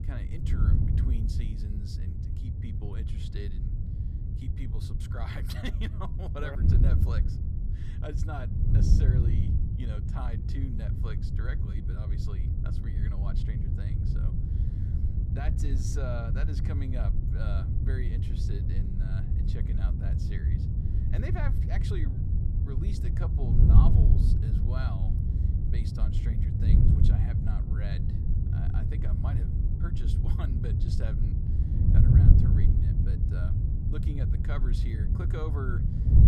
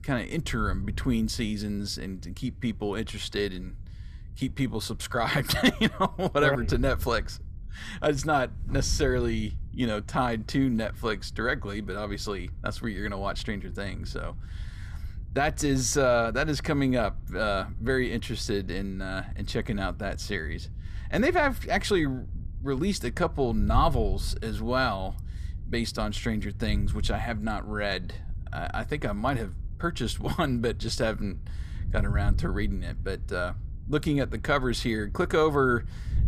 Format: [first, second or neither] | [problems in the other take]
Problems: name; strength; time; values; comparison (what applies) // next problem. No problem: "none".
second | wind noise on the microphone; heavy; 2 dB above the speech; occasional gusts in the second